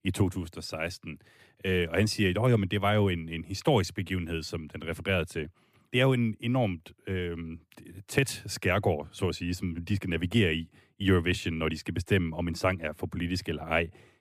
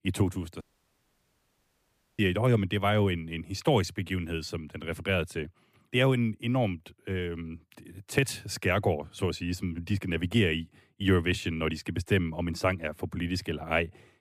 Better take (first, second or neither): first